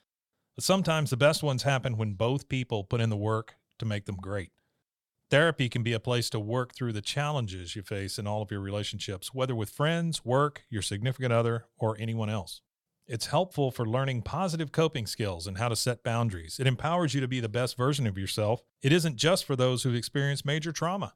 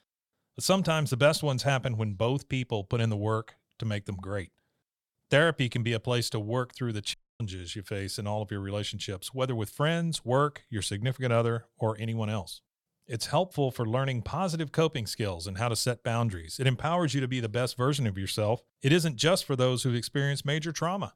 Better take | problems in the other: first | audio cutting out; at 7 s

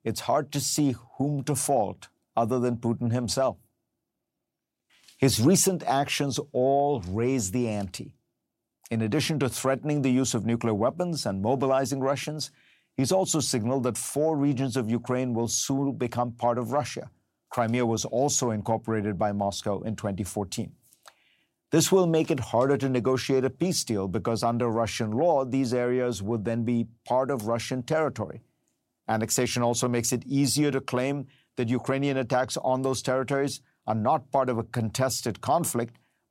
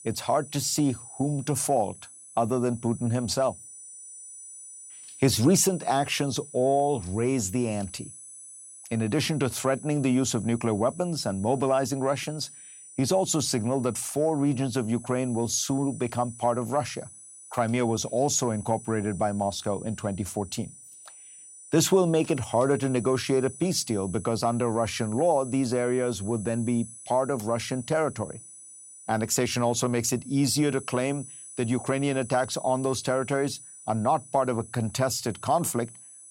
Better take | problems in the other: first | high-pitched whine; noticeable; throughout; 9.5 kHz, 15 dB below the speech

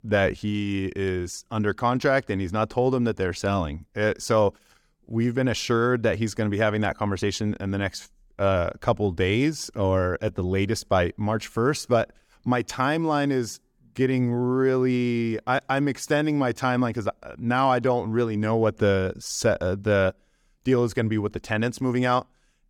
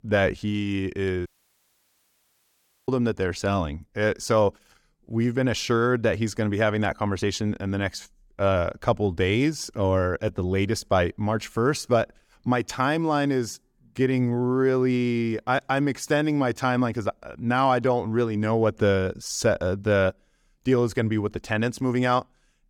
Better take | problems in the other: first | audio cutting out; at 1.5 s for 1.5 s

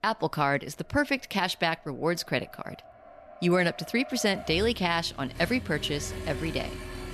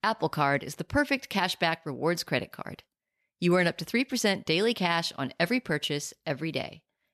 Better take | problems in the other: second | traffic noise; noticeable; throughout; 15 dB below the speech

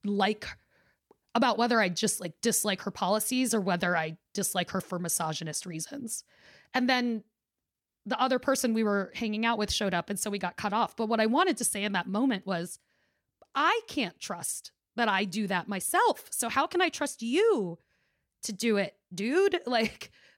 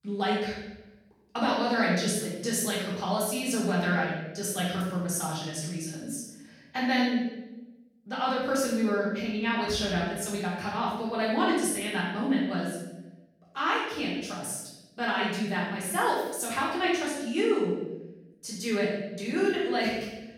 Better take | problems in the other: first | off-mic speech; far // room echo; noticeable; dies away in 0.9 s

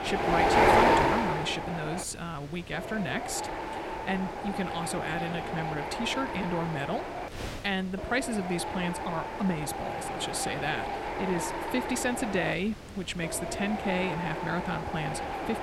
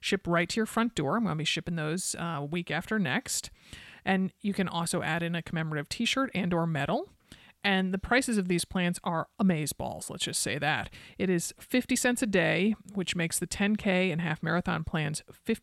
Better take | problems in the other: second | wind noise on the microphone; heavy; 4 dB above the speech

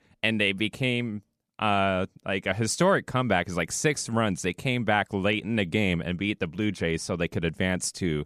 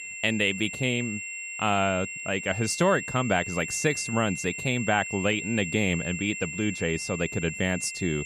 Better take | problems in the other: first | high-pitched whine; loud; throughout; 2.5 kHz, 7 dB below the speech

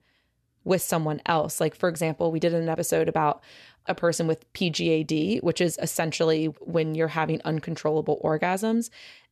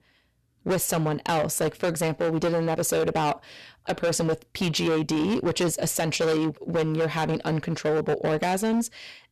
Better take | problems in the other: first | distortion; heavy; 17% of the sound clipped

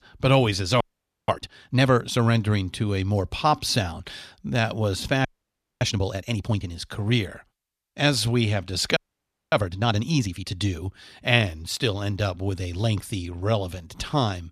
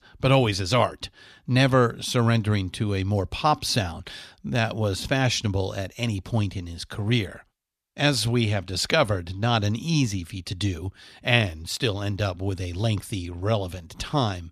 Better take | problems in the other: second | audio freezing; at 1 s, at 5.5 s for 0.5 s and at 9 s for 0.5 s

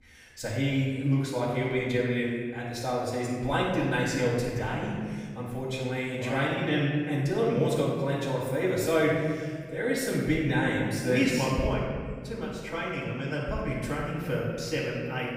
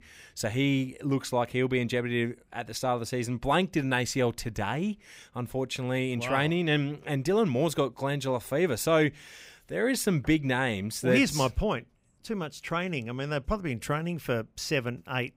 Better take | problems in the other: second | off-mic speech; far // room echo; noticeable; dies away in 1.7 s

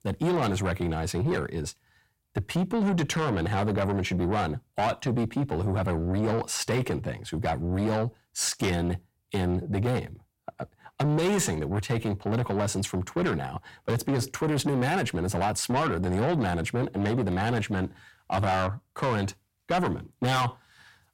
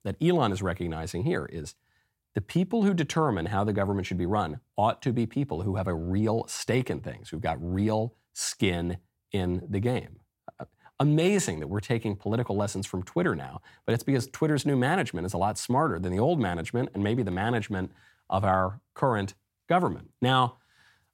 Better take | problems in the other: second | distortion; heavy; 7 dB below the speech

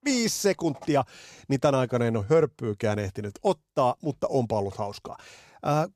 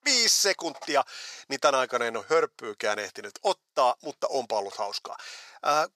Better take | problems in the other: first | thin; very; fading below 650 Hz

